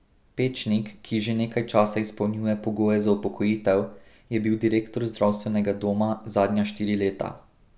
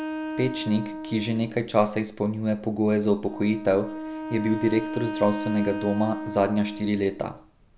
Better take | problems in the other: first | background sound (Wind instrument, woodwind instrument); 9 dB below the speech

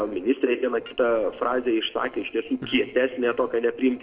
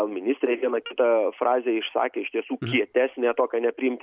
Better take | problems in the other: second | noise reduction (neural separator model SepFormer DNS4)

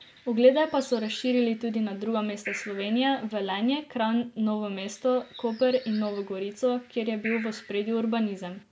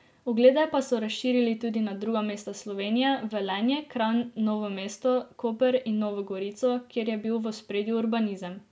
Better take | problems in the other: second | background sound (Bird); 18 dB below the speech

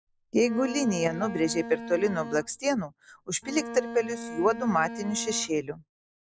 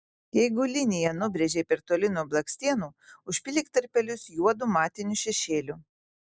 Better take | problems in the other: second | background sound (Bowed string instrument); 11 dB below the speech

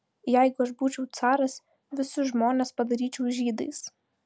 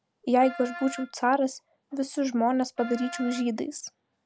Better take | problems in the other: first | background sound (Wind instrument, woodwind instrument); 15 dB below the speech

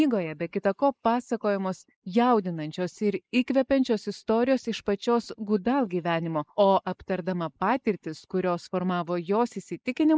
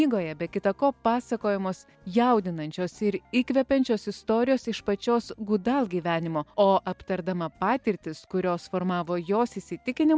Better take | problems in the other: second | noise reduction (neural mask model Resemble Enhance denoiser)

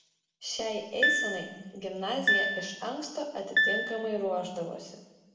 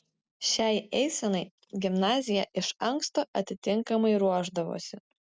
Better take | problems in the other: second | background sound (Piano); 4 dB above the speech // room echo; dies away in 1 s

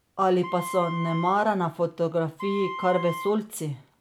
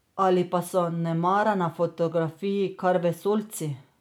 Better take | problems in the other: second | background sound (Wind instrument, woodwind instrument); 11 dB below the speech

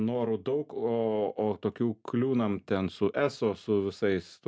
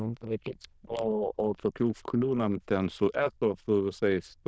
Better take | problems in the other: first | noise reduction (neural diffusion model UNIVERSE++)

